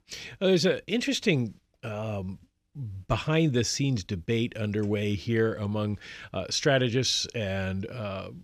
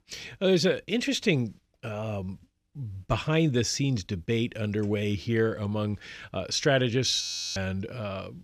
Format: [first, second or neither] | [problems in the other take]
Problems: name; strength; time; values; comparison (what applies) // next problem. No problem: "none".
first | audio freezing; at 7 s